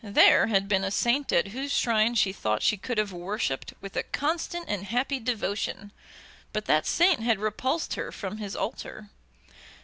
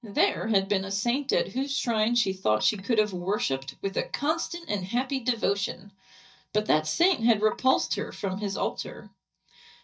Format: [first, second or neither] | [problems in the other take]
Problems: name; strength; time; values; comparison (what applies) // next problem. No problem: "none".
first | noise reduction (neural mask model DeepFilterNet 3)